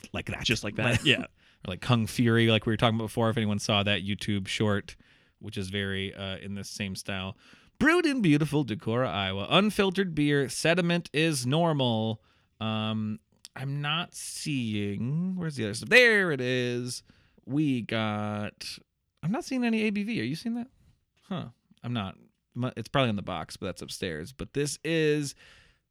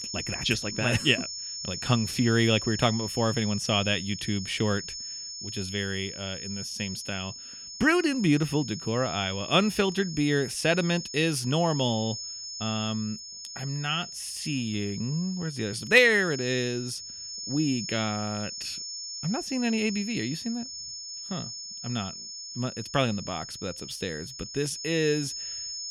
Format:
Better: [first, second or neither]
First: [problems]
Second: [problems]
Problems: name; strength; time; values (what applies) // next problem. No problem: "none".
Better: first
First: none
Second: high-pitched whine; loud; throughout; 5.5 kHz, 8 dB below the speech